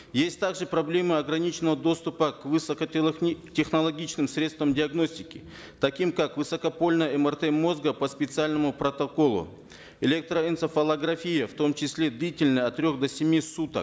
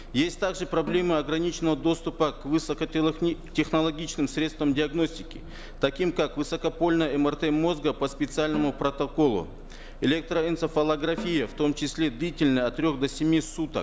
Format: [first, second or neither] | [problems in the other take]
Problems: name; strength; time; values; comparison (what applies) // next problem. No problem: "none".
first | background sound (Snare drum + Bus); 15 dB below the speech